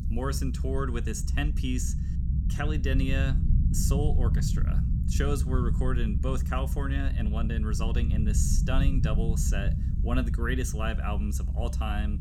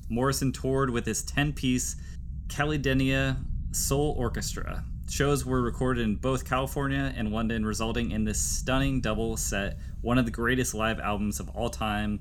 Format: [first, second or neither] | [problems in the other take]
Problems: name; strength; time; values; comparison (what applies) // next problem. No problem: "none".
second | low rumble; loud; throughout; 8 dB below the speech; faint in the second